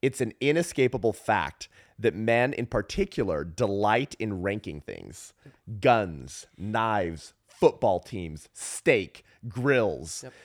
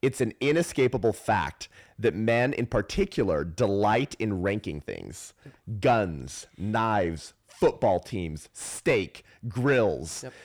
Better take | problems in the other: first | distortion; slight; 10 dB below the speech

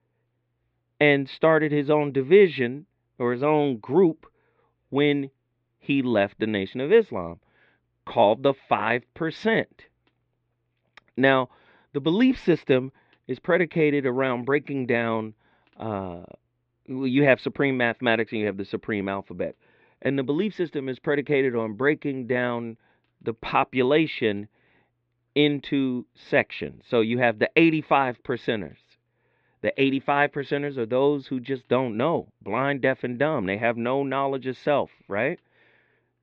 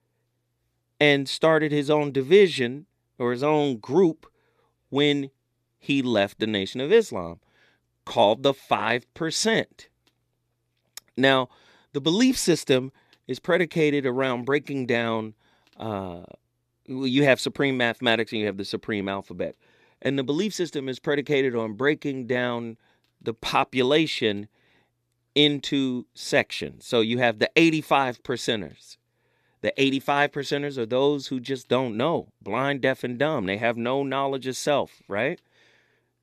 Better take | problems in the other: second | muffled; very; fading above 3 kHz

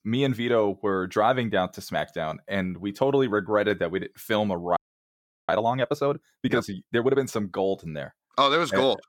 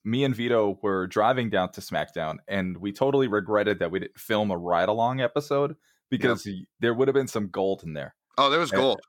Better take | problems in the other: second | audio freezing; at 5 s for 0.5 s

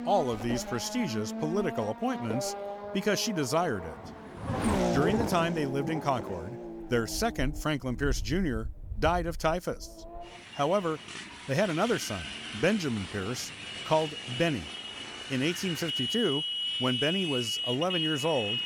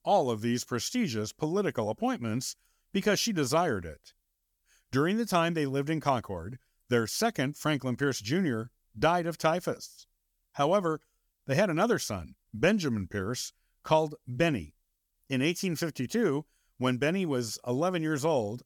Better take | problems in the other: second | traffic noise; loud; throughout; 4 dB below the speech

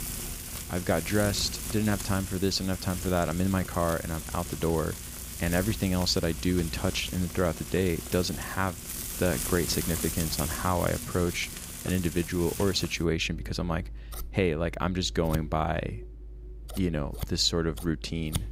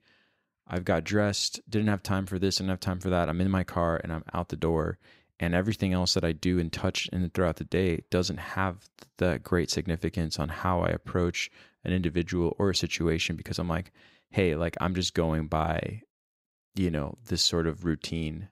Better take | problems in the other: second | household noises; loud; throughout; 8 dB below the speech

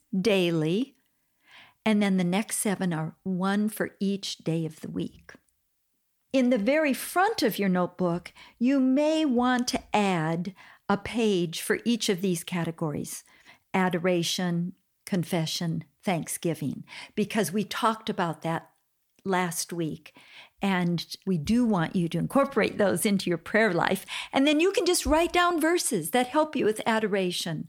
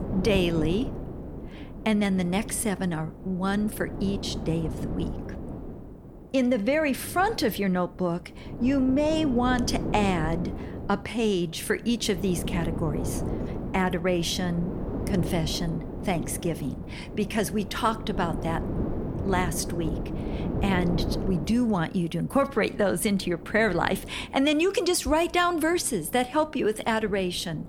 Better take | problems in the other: first | wind noise on the microphone; occasional gusts; 10 dB below the speech

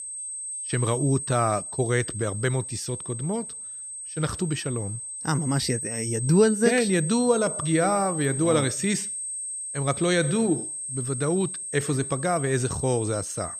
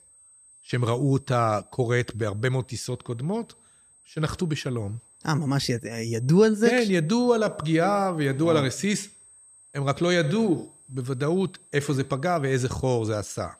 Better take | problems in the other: second | high-pitched whine; loud; throughout; 8.5 kHz, 6 dB below the speech; faint in the second

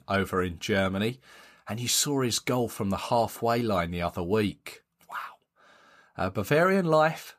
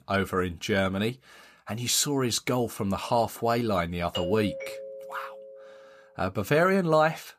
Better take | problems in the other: first | doorbell; noticeable; from 4 to 5.5 s; peak 6 dB below the speech

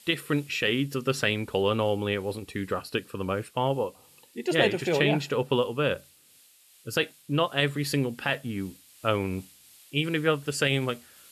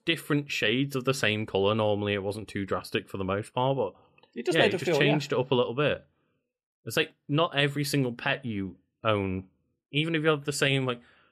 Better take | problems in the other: second | hiss; faint; throughout; 25 dB below the speech

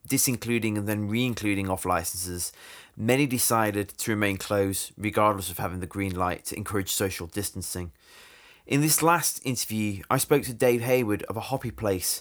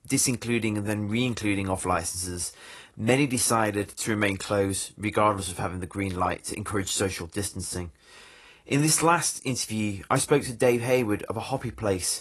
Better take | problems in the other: first | garbled, watery; slightly; nothing above 11.5 kHz

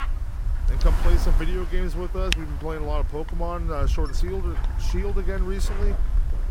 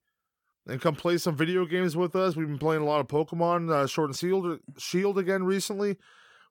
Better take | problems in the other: second | wind noise on the microphone; heavy; 4 dB below the speech

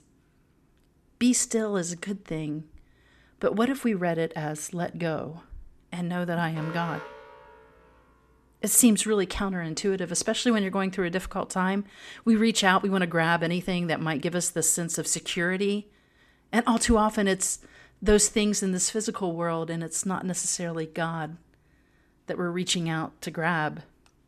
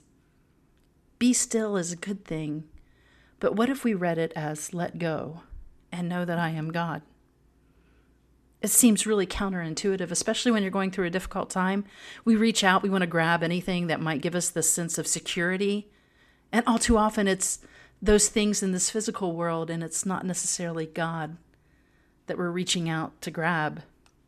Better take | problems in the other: second | alarm; faint; from 6.5 to 8 s; peak 10 dB below the speech

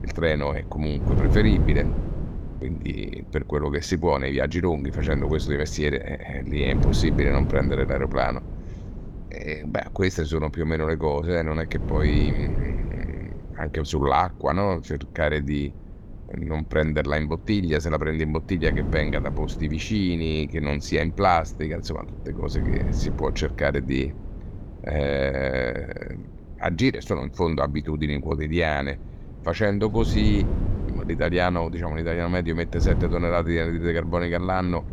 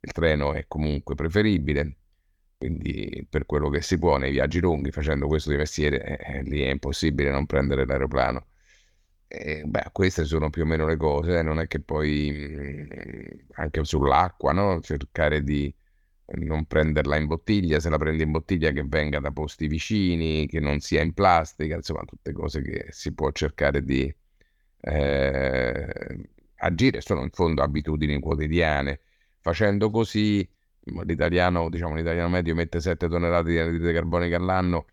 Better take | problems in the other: second | wind noise on the microphone; occasional gusts; 15 dB below the speech

